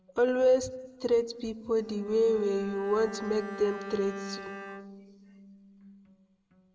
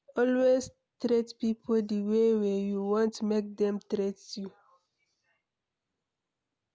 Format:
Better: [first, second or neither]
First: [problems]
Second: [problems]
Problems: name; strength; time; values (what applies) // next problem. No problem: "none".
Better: second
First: background sound (Bowed string instrument); 14 dB below the speech // room echo; dies away in 1.1 s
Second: none